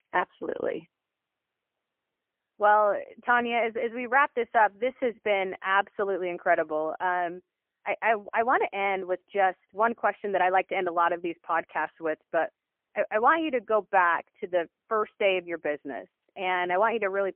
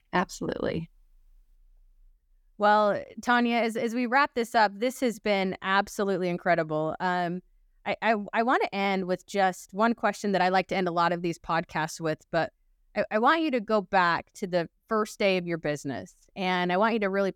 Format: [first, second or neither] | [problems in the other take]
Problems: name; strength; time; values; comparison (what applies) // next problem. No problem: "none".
second | phone-call audio; poor line; nothing above 3 kHz